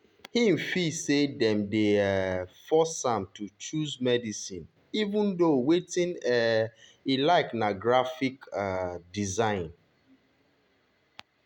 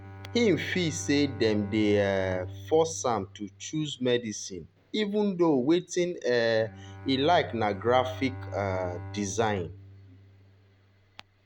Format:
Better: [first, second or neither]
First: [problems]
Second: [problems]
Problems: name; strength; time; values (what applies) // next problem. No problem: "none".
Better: first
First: none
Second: background sound (Bowed string instrument); 14 dB below the speech